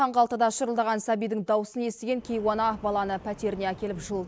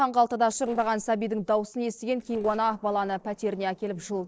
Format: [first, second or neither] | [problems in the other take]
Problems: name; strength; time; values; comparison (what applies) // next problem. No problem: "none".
first | noise reduction (neural separator model SepFormer DNS4)